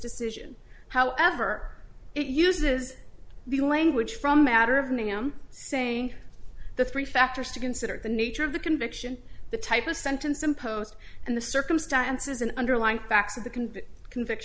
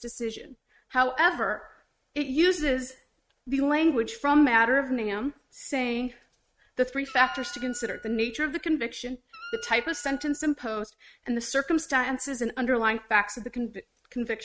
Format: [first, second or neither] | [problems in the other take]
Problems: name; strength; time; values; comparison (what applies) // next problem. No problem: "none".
first | noise reduction (neural mask model RNNoise)